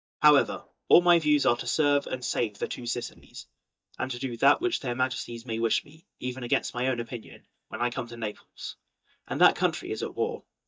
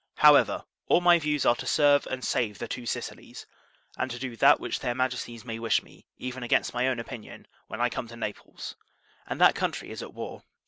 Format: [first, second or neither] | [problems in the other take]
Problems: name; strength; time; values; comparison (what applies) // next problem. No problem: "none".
second | noise reduction (neural mask model DeepFilterNet 3)